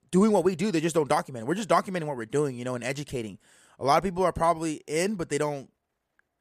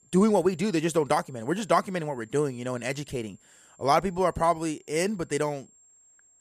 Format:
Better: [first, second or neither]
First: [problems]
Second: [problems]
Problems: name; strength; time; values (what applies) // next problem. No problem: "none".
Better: first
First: none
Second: high-pitched whine; faint; throughout; 7.5 kHz, 30 dB below the speech